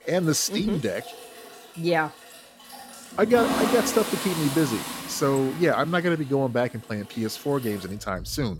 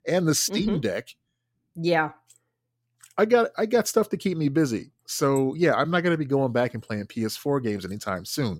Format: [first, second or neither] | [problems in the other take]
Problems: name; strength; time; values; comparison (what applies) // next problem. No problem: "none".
second | household noises; loud; throughout; 7 dB below the speech